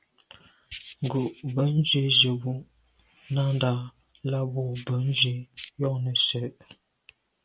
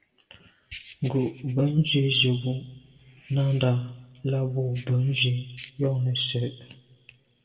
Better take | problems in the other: first | room echo; dies away in 1 s

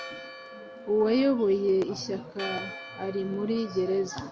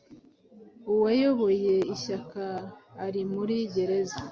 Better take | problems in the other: second | background sound (Church bell); 15 dB below the speech

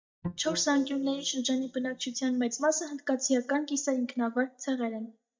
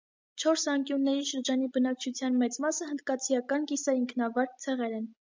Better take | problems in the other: second | noise reduction (neural mask model DeepFilterNet 3)

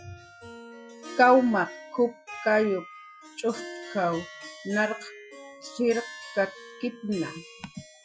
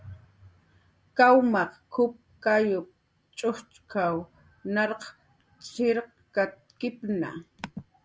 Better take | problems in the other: second | noise reduction (classical method Wiener filter)

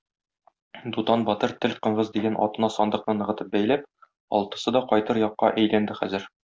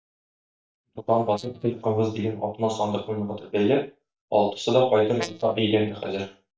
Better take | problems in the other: first | noise reduction (neural mask model DeepFilterNet 3)

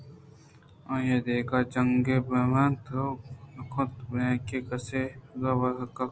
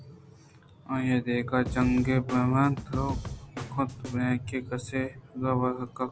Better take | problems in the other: first | background sound (Snare drum / Drum kit); 9 dB below the speech

